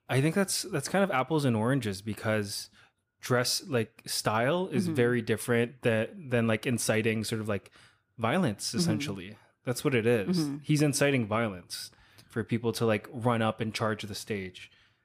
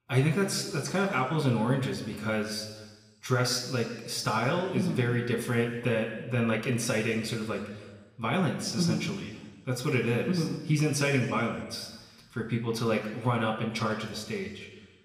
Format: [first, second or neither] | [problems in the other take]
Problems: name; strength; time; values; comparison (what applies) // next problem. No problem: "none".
first | room echo; slight; dies away in 1.3 s // off-mic speech; somewhat distant